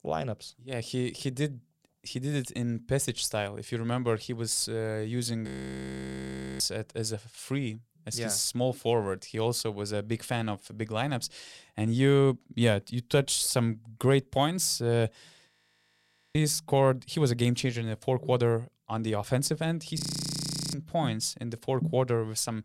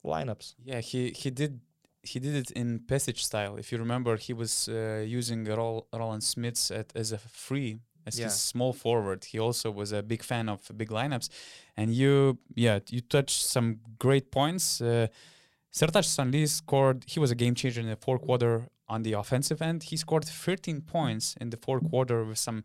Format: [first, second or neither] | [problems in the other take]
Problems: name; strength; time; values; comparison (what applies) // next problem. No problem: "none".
second | audio freezing; at 5.5 s for 1 s, at 15 s for 1 s and at 20 s for 1 s